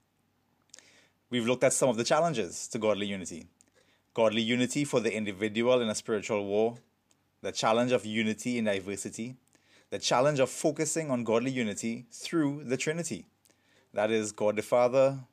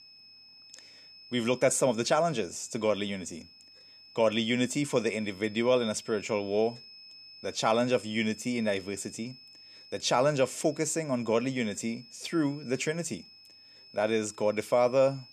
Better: first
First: none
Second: high-pitched whine; faint; throughout; 5 kHz, 20 dB below the speech

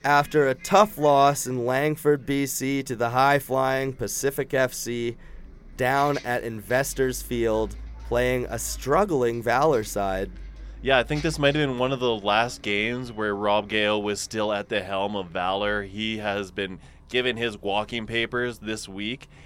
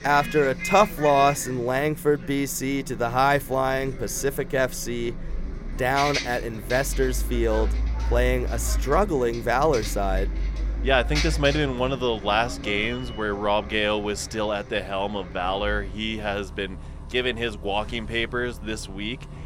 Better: first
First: traffic noise; faint; throughout; 20 dB below the speech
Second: traffic noise; loud; throughout; 8 dB below the speech

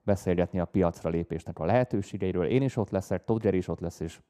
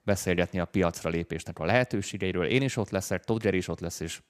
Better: second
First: muffled; slightly; fading above 1 kHz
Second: none

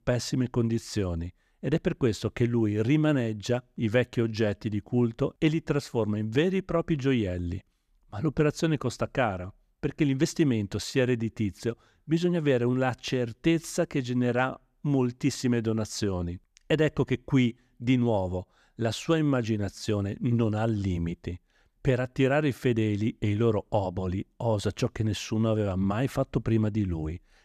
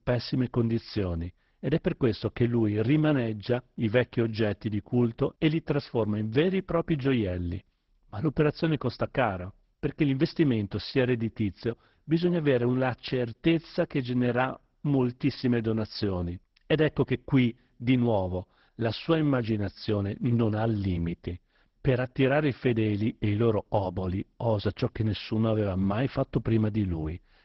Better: first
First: none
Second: garbled, watery; badly; nothing above 5.5 kHz

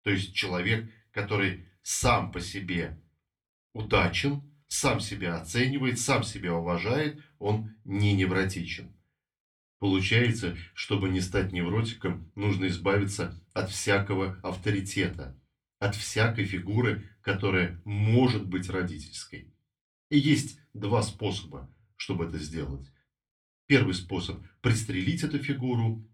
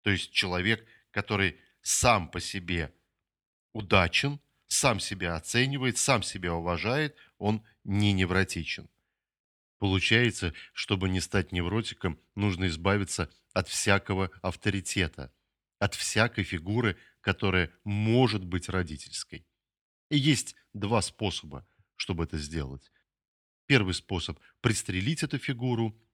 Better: second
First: off-mic speech; far // room echo; very slight; dies away in 0.2 s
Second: none

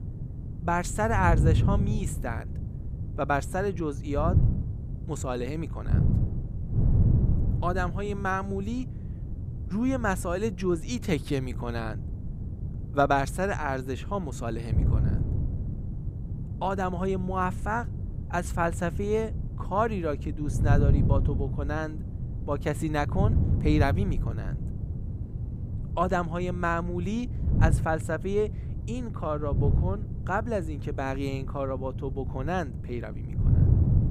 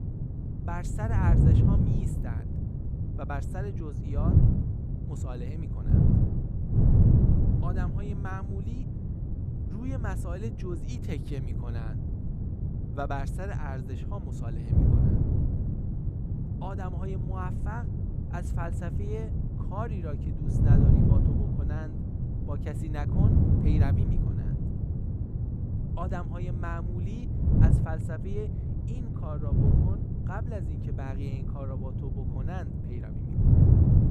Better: first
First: wind noise on the microphone; occasional gusts; 10 dB below the speech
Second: wind noise on the microphone; heavy; 2 dB above the speech

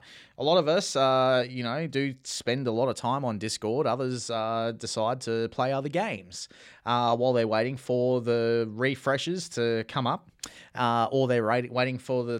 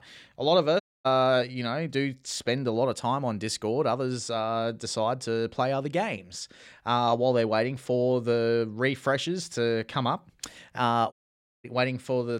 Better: first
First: none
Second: audio cutting out; at 1 s and at 11 s for 0.5 s

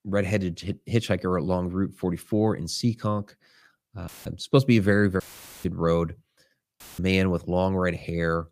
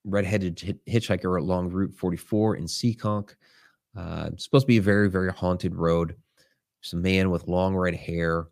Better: second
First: audio cutting out; filled with static; at 4 s, at 5 s and at 7 s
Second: none

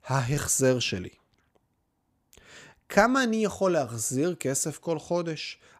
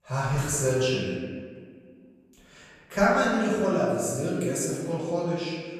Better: first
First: none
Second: room echo; strong; dies away in 1.6 s // off-mic speech; far

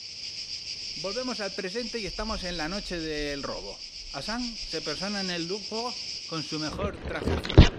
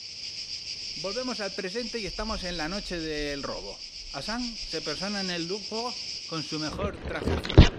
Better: neither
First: animal sounds; very loud; throughout; 2 dB above the speech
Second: animal sounds; very loud; throughout; 2 dB above the speech

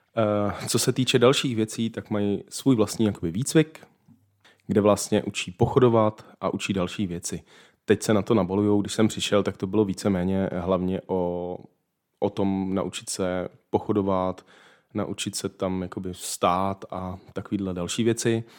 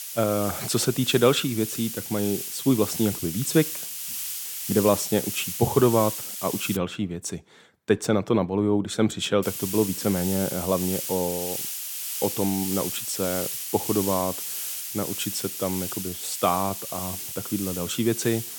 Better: first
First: none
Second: hiss; loud; until 7 s and from 9.5 s on; 5 dB below the speech

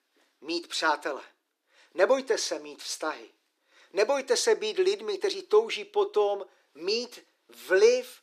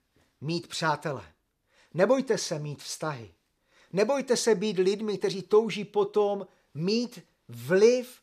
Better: second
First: thin; somewhat; fading below 300 Hz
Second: none

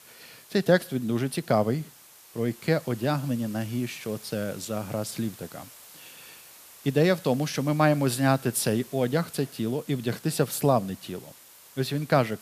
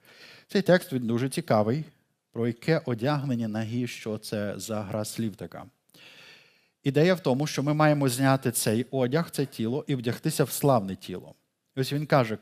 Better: second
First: hiss; faint; throughout; 20 dB below the speech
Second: none

